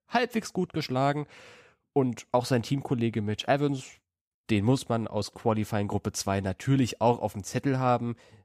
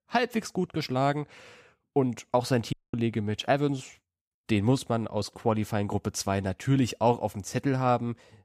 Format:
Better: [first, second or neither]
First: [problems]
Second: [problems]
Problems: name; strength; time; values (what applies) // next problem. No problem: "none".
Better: first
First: none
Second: audio cutting out; at 2.5 s